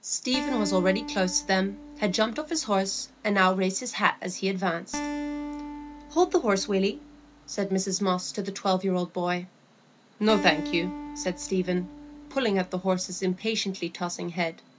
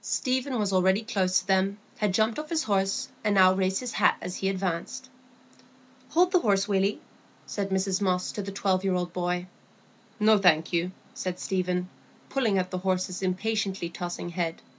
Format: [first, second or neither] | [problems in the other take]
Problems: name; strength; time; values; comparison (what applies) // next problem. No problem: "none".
second | background sound (Acoustic guitar); 11 dB below the speech